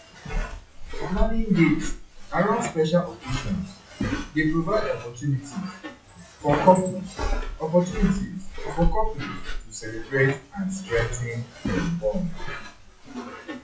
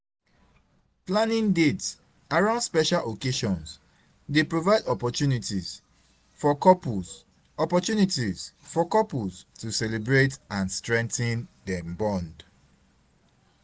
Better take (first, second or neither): second